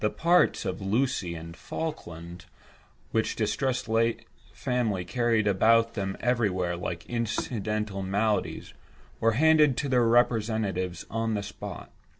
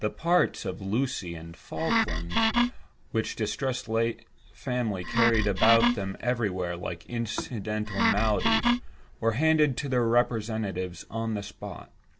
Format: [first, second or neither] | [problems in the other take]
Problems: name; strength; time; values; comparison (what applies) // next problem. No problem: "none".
first | background sound (Wood); 2 dB above the speech